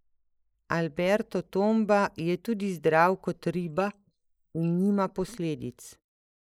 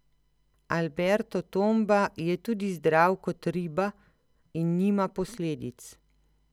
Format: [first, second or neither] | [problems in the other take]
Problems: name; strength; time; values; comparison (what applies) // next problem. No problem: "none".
second | noise reduction (neural mask model Resemble Enhance denoiser)